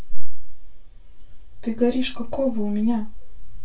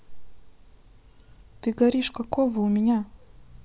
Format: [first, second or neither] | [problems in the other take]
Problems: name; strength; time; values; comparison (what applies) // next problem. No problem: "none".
second | room echo; dies away in 0.2 s